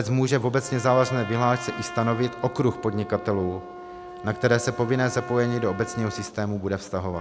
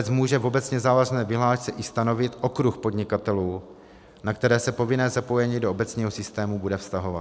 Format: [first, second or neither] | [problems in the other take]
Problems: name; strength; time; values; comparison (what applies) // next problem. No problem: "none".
second | background sound (Trumpet); 14 dB below the speech